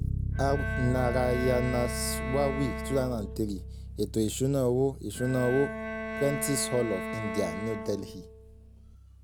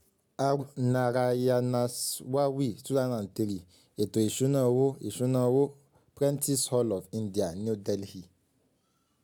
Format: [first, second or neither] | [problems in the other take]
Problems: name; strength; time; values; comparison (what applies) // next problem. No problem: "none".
second | background sound (Bass guitar + Bowed string instrument); 4 dB below the speech